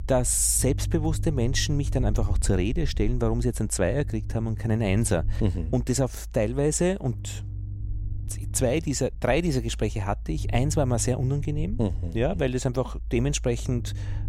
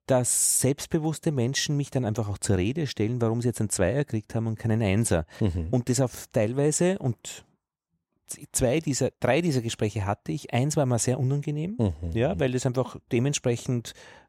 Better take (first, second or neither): second